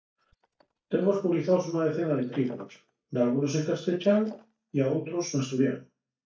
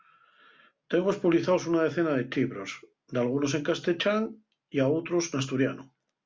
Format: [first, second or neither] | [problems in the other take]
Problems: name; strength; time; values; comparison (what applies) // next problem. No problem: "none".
second | noise reduction (neural mask model DeepFilterNet 3)